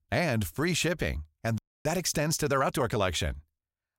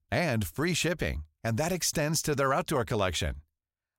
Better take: second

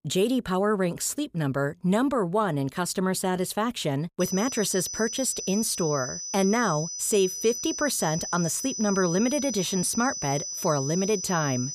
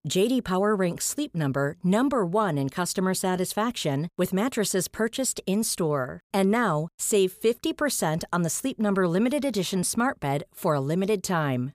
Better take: second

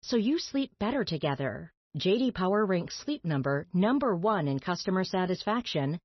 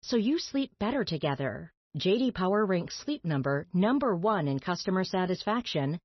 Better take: neither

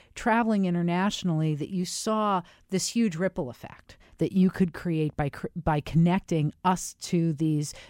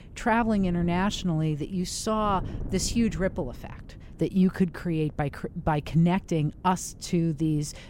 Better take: first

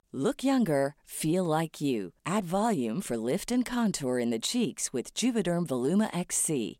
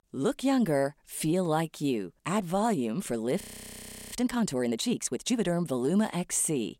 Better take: first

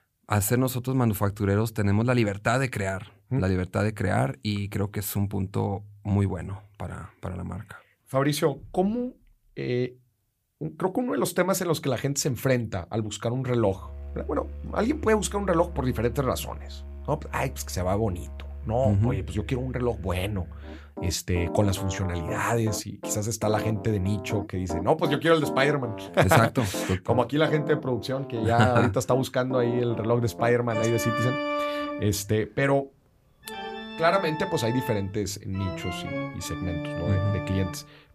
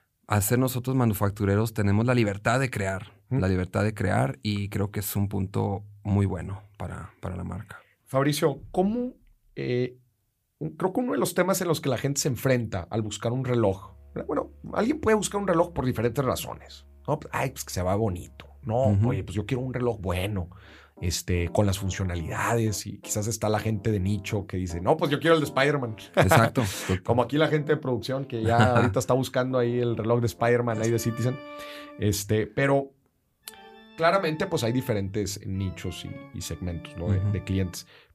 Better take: second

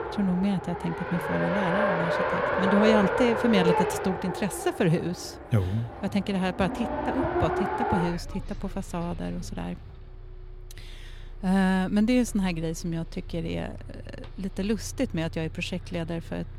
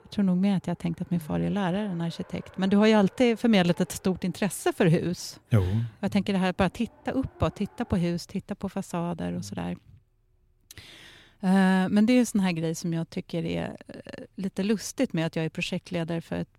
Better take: second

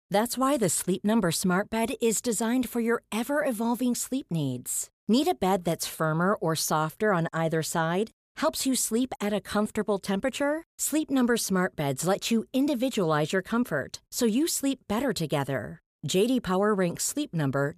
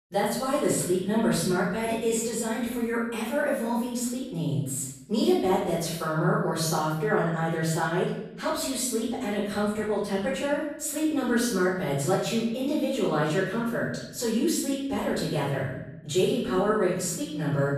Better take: first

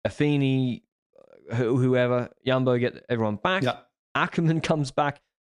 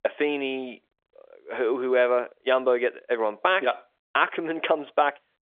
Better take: first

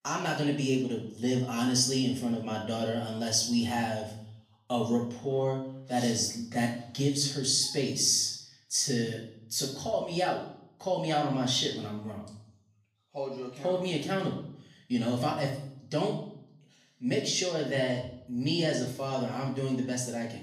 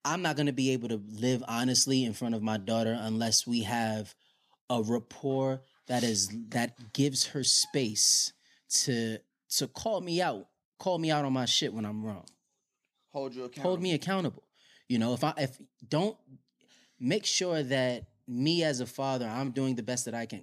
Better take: second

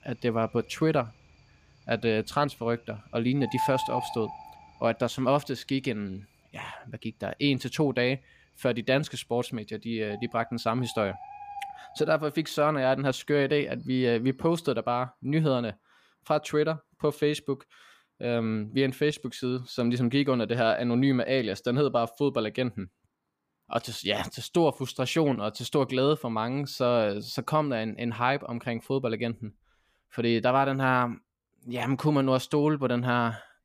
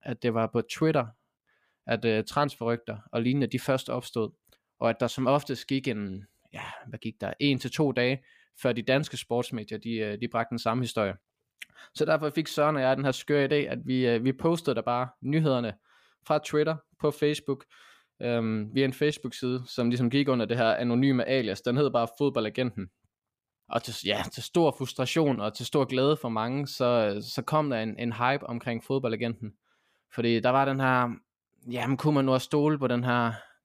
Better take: second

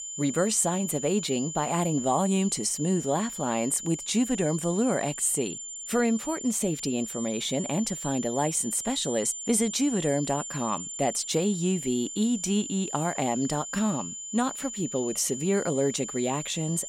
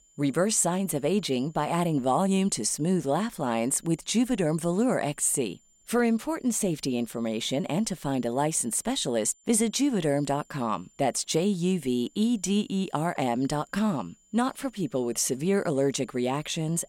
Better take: second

